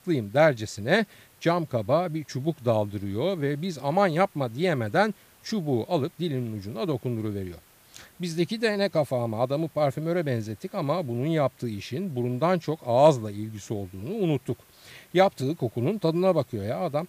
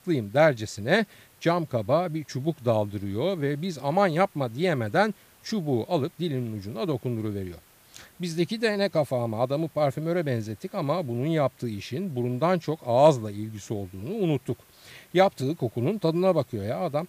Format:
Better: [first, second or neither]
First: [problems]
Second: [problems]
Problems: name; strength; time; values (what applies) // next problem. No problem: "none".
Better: neither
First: hiss; faint; throughout; 30 dB below the speech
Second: hiss; faint; throughout; 30 dB below the speech